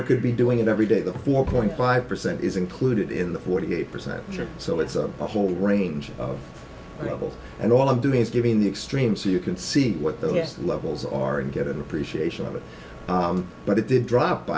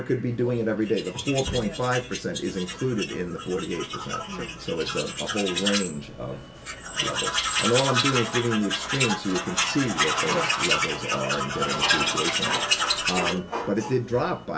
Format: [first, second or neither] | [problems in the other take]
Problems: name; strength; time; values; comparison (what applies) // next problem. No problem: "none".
first | background sound (Tools); 1 dB below the speech